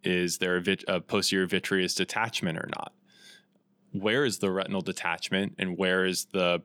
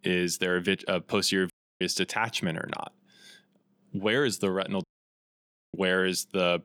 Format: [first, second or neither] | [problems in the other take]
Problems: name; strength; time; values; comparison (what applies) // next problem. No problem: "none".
first | audio cutting out; at 1.5 s and at 5 s for 1 s